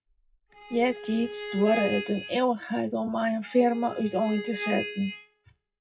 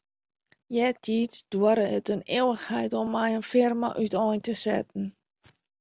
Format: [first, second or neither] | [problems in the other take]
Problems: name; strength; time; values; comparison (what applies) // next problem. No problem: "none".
second | noise reduction (classical method WPE with log-MMSE)